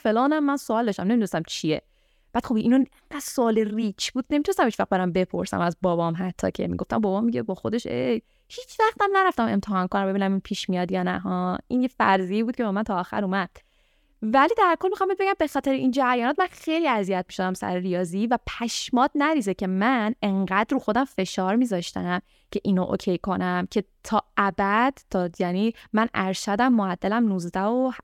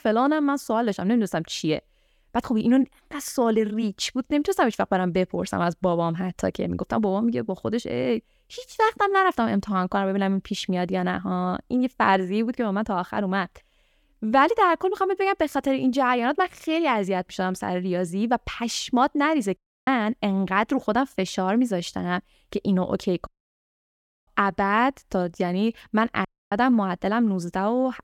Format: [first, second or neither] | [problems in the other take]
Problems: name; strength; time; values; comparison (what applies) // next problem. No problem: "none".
first | audio cutting out; at 20 s, at 23 s for 1 s and at 26 s